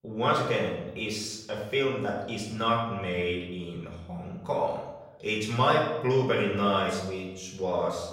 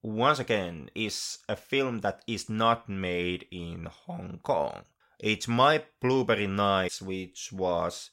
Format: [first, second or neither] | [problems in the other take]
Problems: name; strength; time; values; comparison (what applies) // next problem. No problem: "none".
second | room echo; noticeable; dies away in 0.8 s // off-mic speech; far